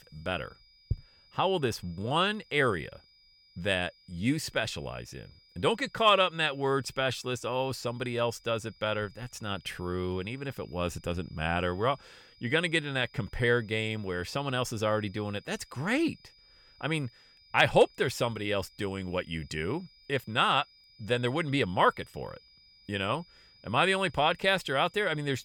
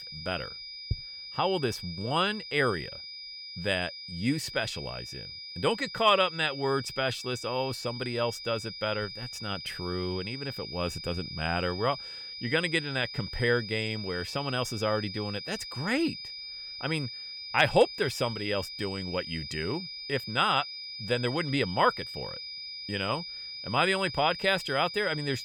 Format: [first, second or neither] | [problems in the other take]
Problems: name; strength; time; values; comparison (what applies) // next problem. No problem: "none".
first | high-pitched whine; loud; throughout; 5 kHz, 8 dB below the speech; faint in the first